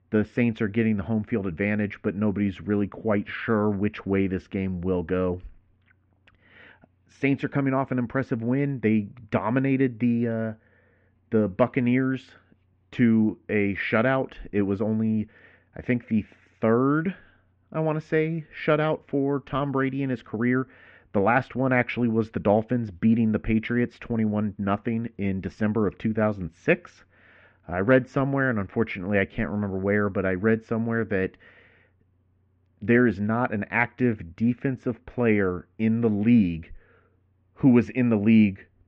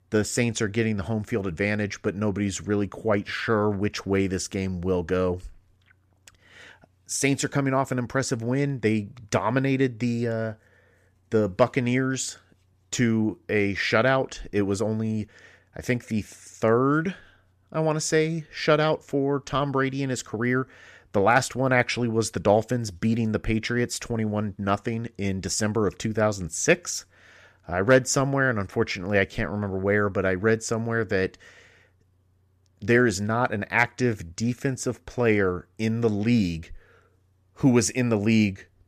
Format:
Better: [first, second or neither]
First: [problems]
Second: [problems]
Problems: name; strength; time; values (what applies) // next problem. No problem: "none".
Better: second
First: muffled; very; fading above 2.5 kHz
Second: none